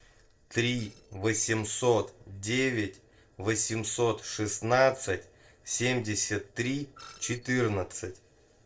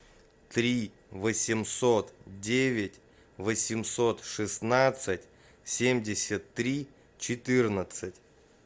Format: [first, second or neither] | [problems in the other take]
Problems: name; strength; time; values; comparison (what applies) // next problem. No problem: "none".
second | noise reduction (neural separator model SepFormer DNS4)